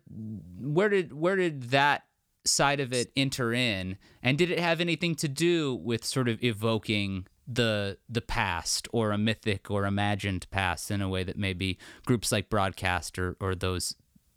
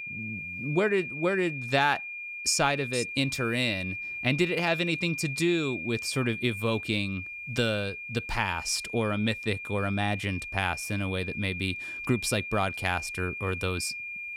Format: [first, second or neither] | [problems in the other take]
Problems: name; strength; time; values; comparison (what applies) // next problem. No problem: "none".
first | high-pitched whine; loud; throughout; 2.5 kHz, 6 dB below the speech